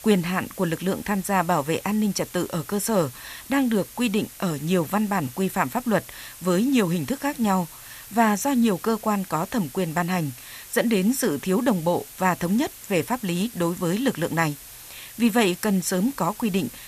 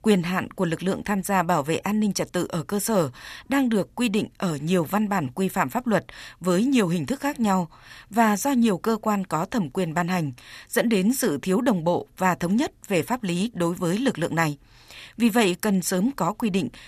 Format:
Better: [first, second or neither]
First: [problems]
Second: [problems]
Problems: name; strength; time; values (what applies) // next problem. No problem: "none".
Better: second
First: hiss; noticeable; throughout; 15 dB below the speech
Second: none